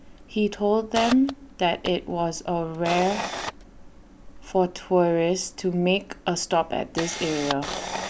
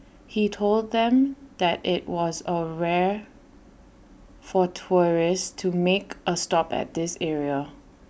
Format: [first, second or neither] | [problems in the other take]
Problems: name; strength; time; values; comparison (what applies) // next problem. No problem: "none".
second | background sound (Camera); 11 dB below the speech